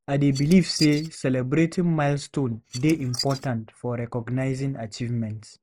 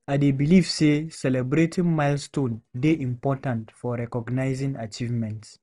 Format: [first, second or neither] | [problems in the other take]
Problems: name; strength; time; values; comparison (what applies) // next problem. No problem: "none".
second | noise reduction (neural mask model Resemble Enhance denoiser)